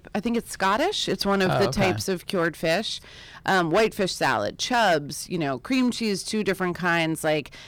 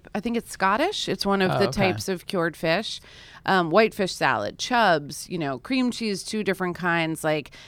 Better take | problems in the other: second | distortion; slight; 5% of the sound clipped

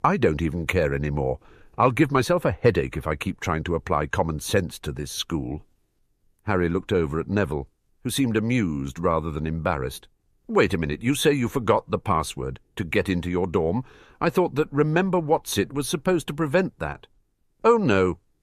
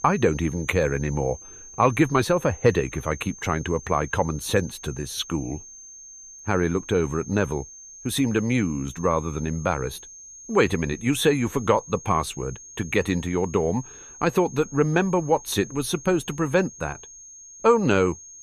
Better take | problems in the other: first | high-pitched whine; noticeable; throughout; 6.5 kHz, 15 dB below the speech

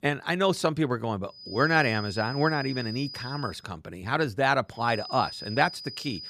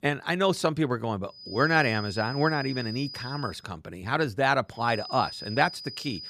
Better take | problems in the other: neither | high-pitched whine; noticeable; from 1.5 to 3.5 s and from 5 s on; 5 kHz, 10 dB below the speech; the same in both

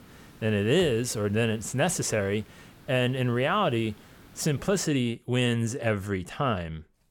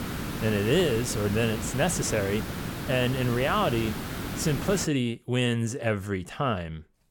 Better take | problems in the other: first | hiss; loud; until 5 s; 7 dB below the speech; faint in the first

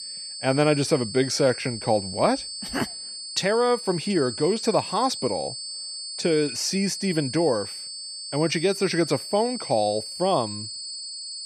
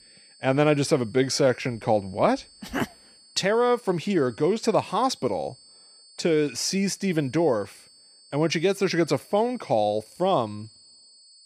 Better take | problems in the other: second | high-pitched whine; loud; throughout; 4.5 kHz, 8 dB below the speech; faint in the second

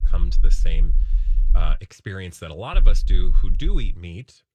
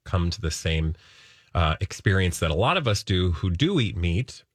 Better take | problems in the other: second | low rumble; noticeable; until 2 s and from 2.5 to 4 s; 15 dB below the speech

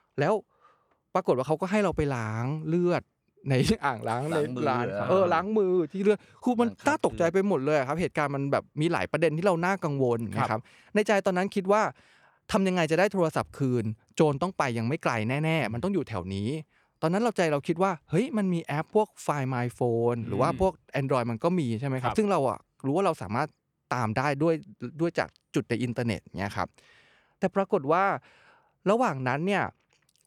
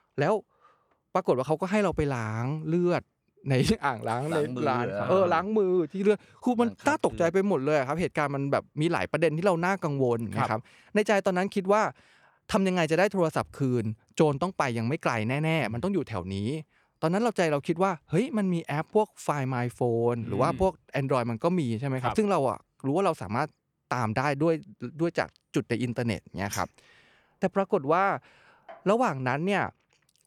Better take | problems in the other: first | clattering dishes; faint; from 27 to 29 s; peak 10 dB below the speech

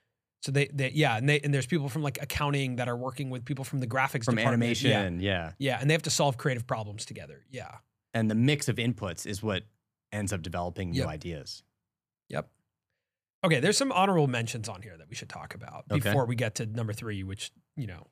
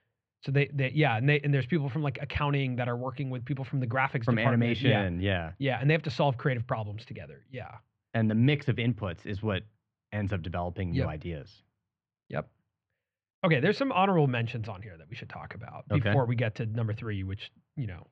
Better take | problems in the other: first | muffled; very; fading above 3 kHz

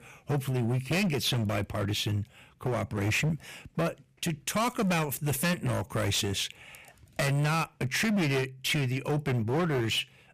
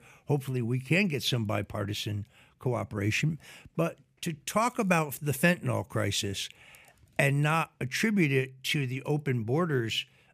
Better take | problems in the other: second | distortion; heavy; 18% of the sound clipped

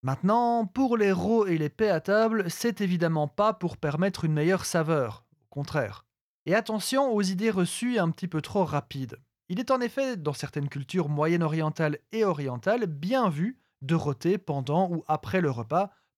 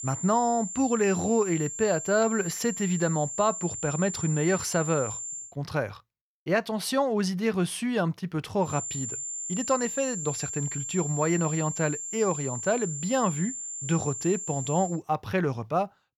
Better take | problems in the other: first | high-pitched whine; loud; until 5.5 s and from 8.5 to 15 s; 7 kHz, 5 dB below the speech

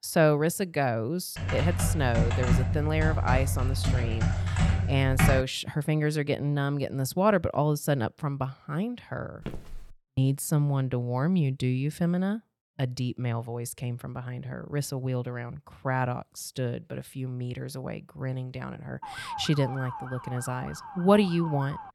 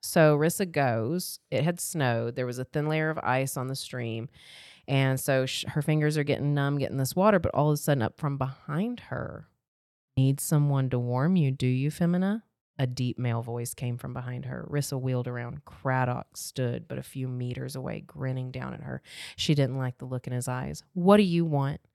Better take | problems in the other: second | keyboard typing; loud; from 1.5 to 5.5 s; peak 4 dB above the speech // footsteps; faint; at 9.5 s; peak 10 dB below the speech // siren; noticeable; from 19 s on; peak 8 dB below the speech

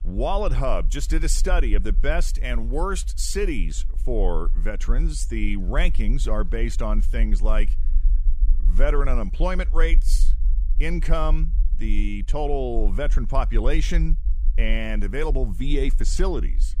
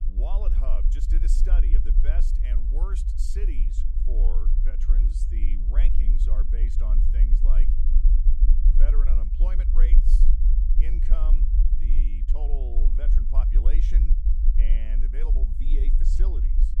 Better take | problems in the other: first | low rumble; loud; throughout; 3 dB below the speech; faint in the first

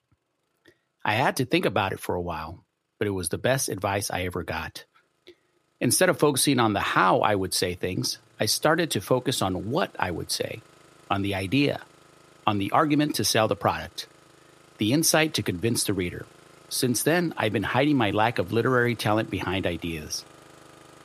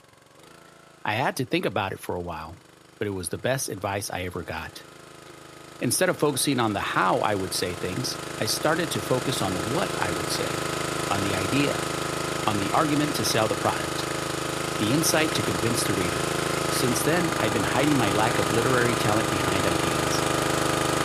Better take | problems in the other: first | traffic noise; loud; throughout; as loud as the speech; faint in the first

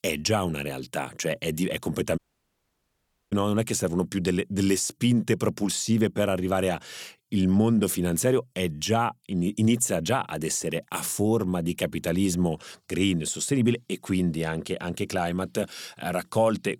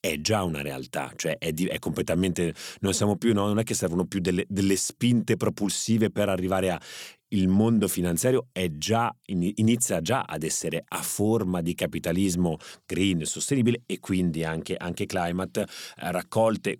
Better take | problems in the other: second | audio cutting out; at 2 s for 1 s

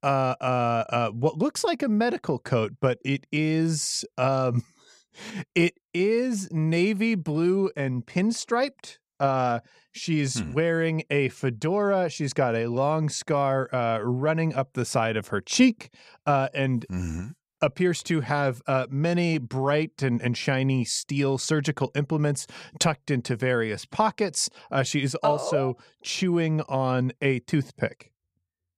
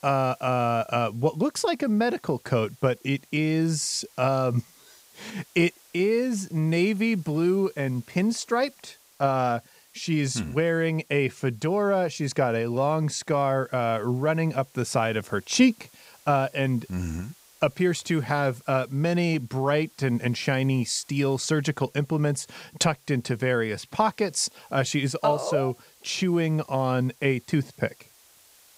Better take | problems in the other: first | hiss; faint; throughout; 30 dB below the speech

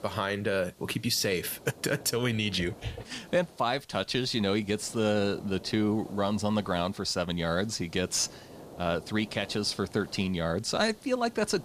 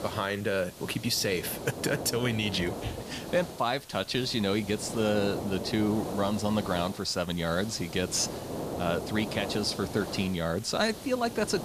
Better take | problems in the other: first | hiss; loud; throughout; 9 dB below the speech; faint in the first

